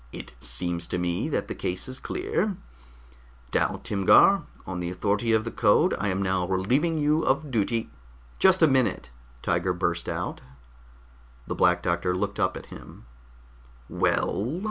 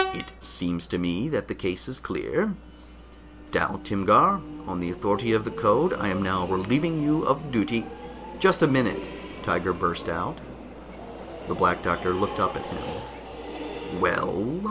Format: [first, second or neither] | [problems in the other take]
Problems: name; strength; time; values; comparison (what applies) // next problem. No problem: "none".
first | background sound (Train); 11 dB below the speech